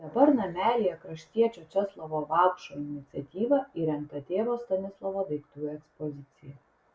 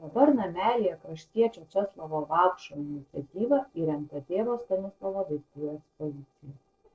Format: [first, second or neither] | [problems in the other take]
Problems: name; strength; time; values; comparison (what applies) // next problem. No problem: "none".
first | noise reduction (neural separator model SepFormer DNS4)